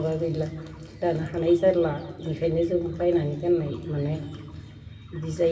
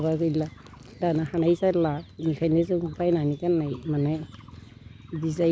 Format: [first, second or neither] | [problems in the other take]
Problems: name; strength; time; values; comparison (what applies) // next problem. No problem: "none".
second | room echo; dies away in 1.8 s